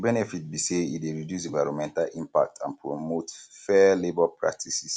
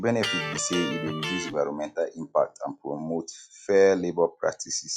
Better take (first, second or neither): first